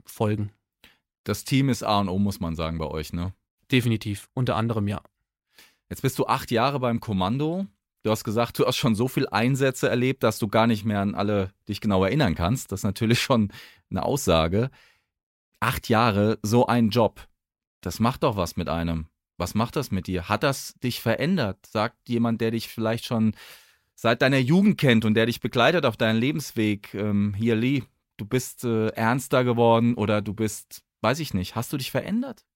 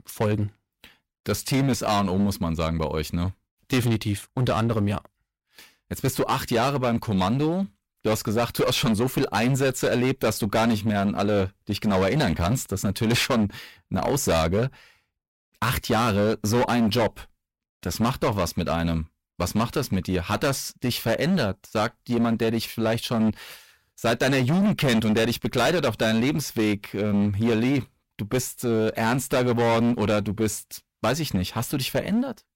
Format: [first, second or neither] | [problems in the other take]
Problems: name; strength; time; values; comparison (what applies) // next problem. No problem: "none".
first | distortion; heavy; 15% of the sound clipped